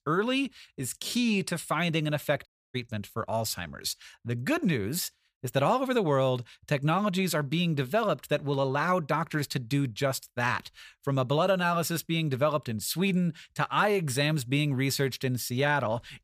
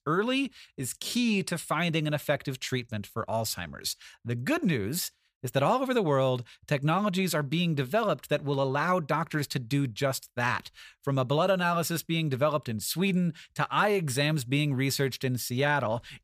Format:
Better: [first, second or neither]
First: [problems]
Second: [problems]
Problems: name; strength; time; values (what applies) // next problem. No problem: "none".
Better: second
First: audio cutting out; at 2.5 s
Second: none